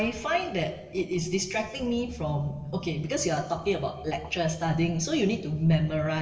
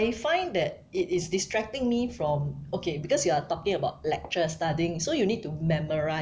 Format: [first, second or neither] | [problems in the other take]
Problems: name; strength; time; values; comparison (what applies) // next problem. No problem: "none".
second | room echo; dies away in 1 s